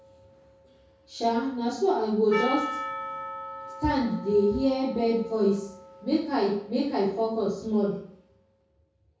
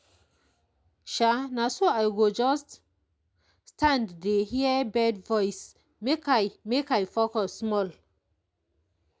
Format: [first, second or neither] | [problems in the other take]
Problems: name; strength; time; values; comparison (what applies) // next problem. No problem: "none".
second | background sound (Percussion); 12 dB below the speech // room echo; dies away in 0.6 s